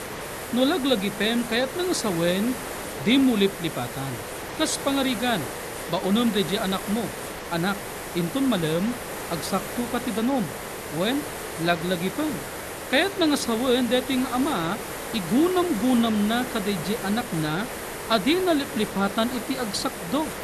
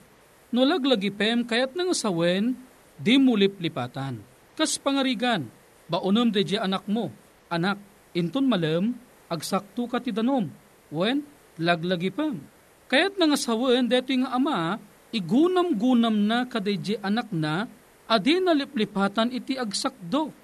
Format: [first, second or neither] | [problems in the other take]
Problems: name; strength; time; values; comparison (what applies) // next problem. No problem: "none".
second | hiss; loud; throughout; 8 dB below the speech; faint in the second